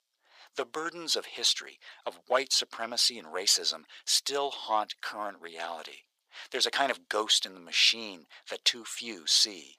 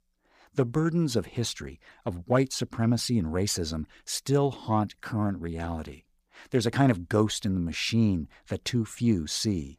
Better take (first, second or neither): second